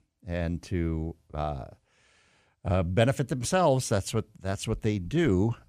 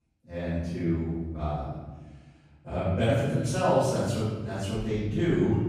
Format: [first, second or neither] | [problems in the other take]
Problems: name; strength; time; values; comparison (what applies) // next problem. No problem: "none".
first | room echo; strong; dies away in 1.3 s // off-mic speech; far